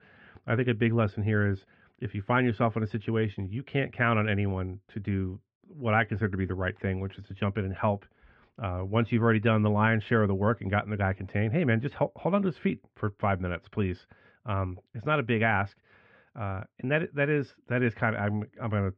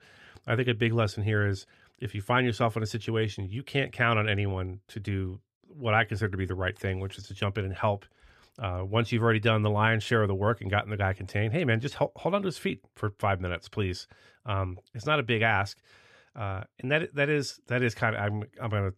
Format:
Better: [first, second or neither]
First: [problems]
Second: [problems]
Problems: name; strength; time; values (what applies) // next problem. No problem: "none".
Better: second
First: muffled; very; fading above 2.5 kHz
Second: none